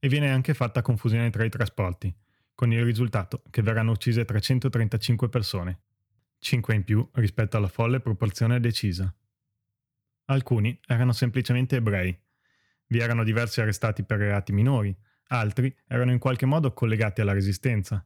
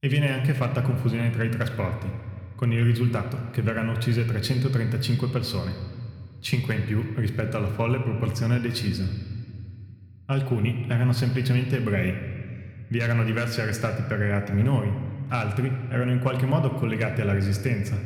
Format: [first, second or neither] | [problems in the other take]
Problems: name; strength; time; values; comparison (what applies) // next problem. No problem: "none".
first | room echo; slight; dies away in 1.6 s